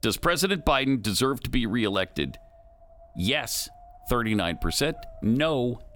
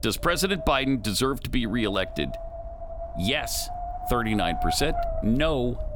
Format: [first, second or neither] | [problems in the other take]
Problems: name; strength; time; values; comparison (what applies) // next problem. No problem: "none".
first | wind noise on the microphone; heavy; 7 dB below the speech; occasional gusts in the first